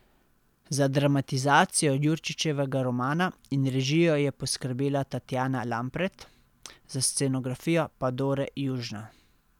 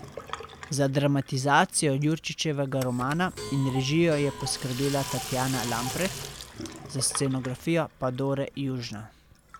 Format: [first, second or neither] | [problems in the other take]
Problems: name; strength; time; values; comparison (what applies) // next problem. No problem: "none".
first | background sound (Clock + Sink (filling or washing)); 12 dB below the speech